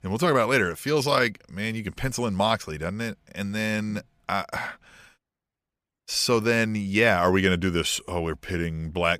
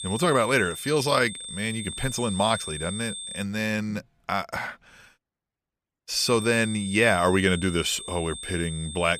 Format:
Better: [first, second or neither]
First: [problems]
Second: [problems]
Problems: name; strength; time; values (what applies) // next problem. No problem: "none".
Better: first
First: none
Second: high-pitched whine; loud; until 3.5 s and from 6 s on; 3.5 kHz, 9 dB below the speech